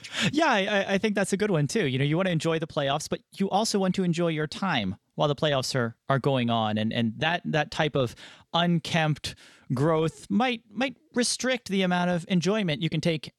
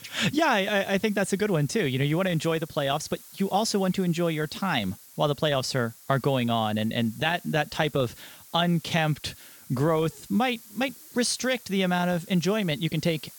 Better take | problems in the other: first | hiss; faint; throughout; 20 dB below the speech

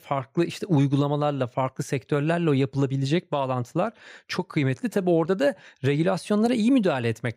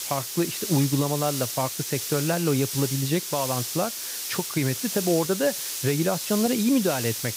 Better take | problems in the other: first | hiss; loud; throughout; 3 dB below the speech

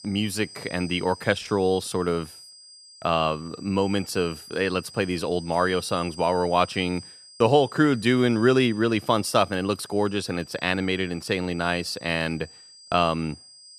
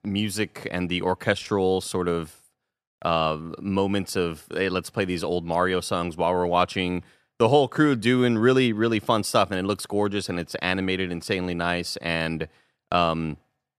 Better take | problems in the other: second | high-pitched whine; noticeable; throughout; 5 kHz, 20 dB below the speech

